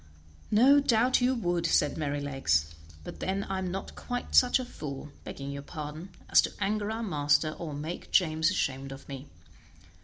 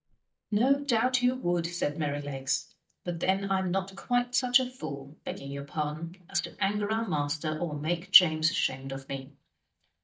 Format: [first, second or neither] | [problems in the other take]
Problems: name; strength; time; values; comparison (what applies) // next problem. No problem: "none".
first | noise reduction (neural mask model DeepFilterNet 3)